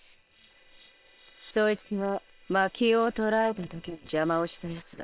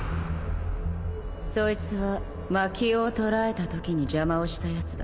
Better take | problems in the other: second | noise reduction (neural separator model SepFormer WHAM!)

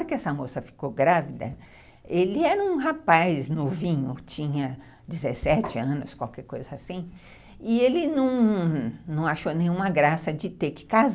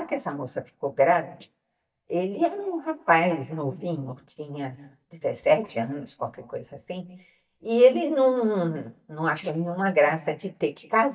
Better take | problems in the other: first | noise reduction (neural mask model DeepFilterNet 3)

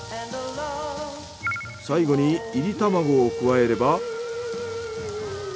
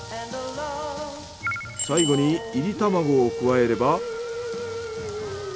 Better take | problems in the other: first | background sound (Bicycle bell); 13 dB below the speech

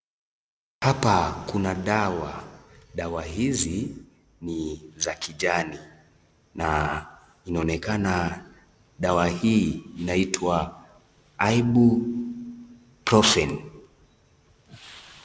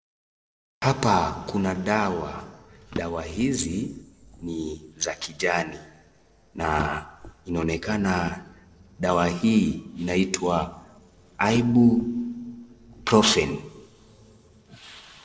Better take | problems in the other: first | noise reduction (neural separator model SepFormer DNS4)

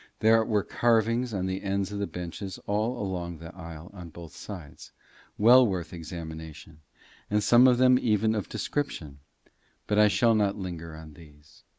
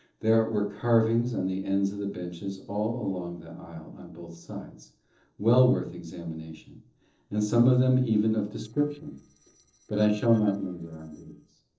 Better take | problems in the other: first | noise reduction (neural separator model SepFormer DNS4)

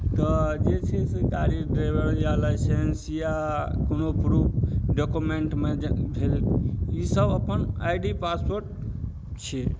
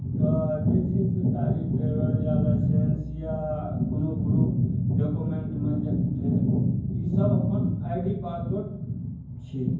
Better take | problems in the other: first | room echo; dies away in 0.9 s

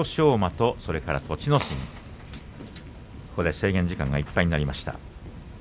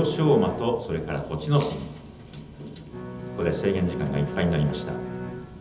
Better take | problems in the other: first | background sound (Bowed string instrument); 10 dB below the speech // room echo; dies away in 1.2 s

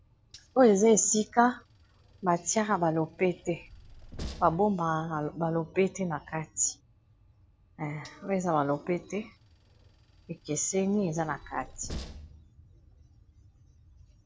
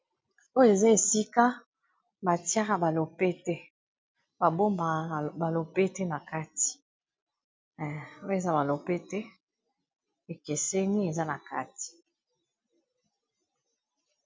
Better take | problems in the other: second | background sound (Train); 19 dB below the speech

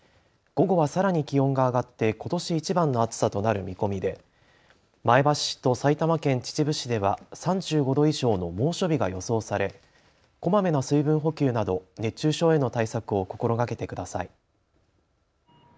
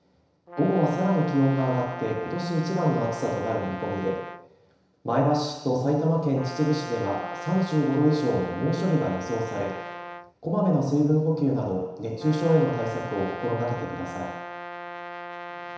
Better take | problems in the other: first | background sound (Brass instrument); 12 dB below the speech // room echo; dies away in 1 s

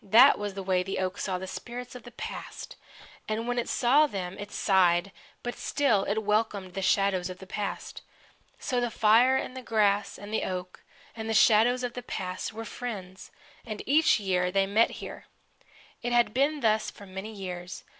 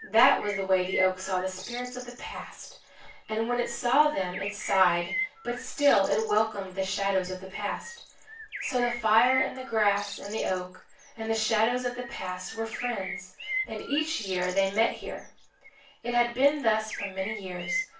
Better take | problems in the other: first | background sound (Bird); 11 dB below the speech // room echo; dies away in 0.3 s

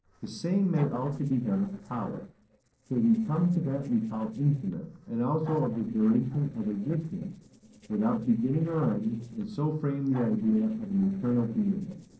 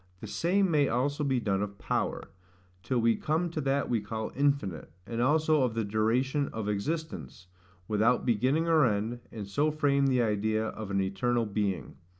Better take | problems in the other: second | noise reduction (neural separator model SepFormer DNS4)

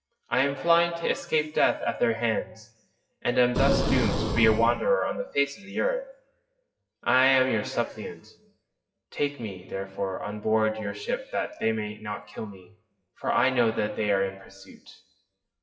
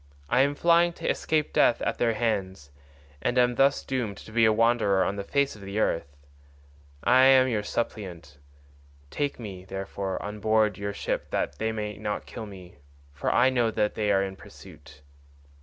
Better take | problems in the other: second | noise reduction (classical method WPE with log-MMSE)

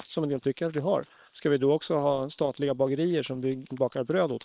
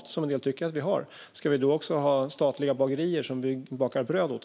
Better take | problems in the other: second | noise reduction (neural separator model SepFormer WHAM!)

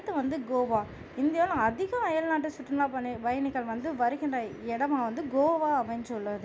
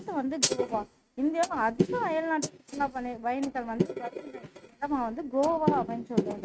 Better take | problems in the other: first | noise reduction (neural mask model RNNoise)

